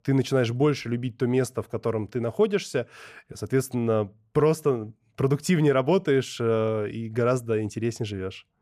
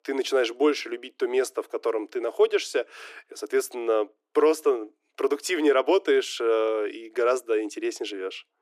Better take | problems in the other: first | thin; somewhat; fading below 300 Hz

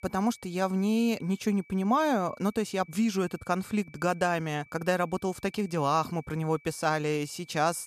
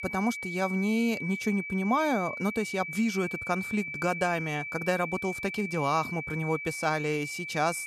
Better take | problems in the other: first | high-pitched whine; loud; throughout; 2.5 kHz, 5 dB below the speech; faint in the first

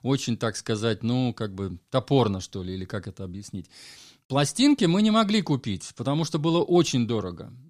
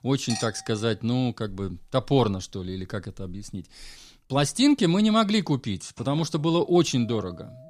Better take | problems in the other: first | household noises; noticeable; throughout; 15 dB below the speech

